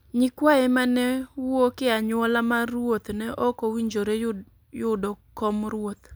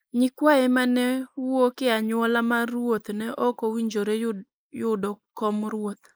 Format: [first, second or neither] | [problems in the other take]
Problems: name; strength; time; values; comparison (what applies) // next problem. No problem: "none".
first | noise reduction (neural mask model Resemble Enhance denoiser)